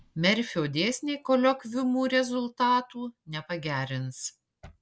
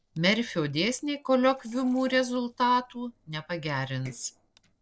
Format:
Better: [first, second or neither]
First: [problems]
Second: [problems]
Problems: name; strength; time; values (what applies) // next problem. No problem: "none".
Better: first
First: none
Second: noise reduction (neural separator model SepFormer DNS4)